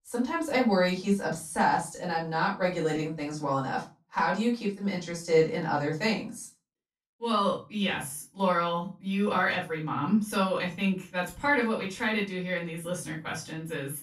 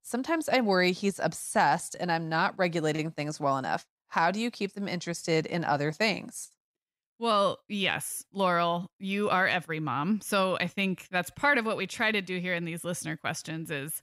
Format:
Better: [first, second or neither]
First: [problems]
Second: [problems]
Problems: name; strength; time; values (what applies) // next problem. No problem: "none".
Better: second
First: off-mic speech; far // room echo; slight; dies away in 0.3 s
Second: none